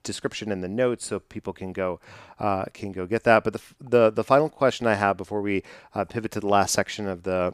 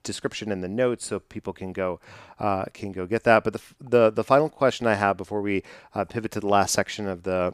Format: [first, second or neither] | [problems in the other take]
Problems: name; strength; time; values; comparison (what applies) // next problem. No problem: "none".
neither | none